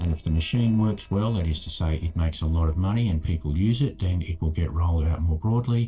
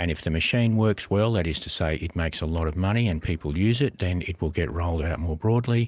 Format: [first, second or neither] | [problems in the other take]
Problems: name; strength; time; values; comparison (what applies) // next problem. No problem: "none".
second | noise reduction (neural separator model SepFormer DNS4)